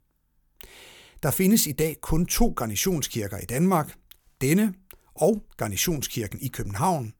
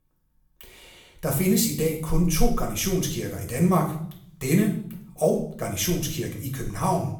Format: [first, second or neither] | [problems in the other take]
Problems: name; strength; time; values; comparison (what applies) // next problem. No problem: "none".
first | room echo; slight; dies away in 0.6 s // off-mic speech; somewhat distant